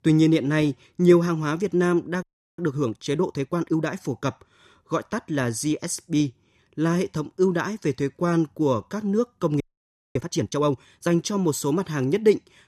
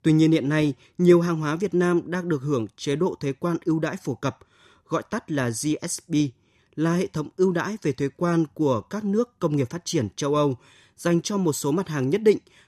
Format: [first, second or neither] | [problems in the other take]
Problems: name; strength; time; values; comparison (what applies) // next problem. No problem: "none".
second | audio freezing; at 2 s and at 9.5 s for 0.5 s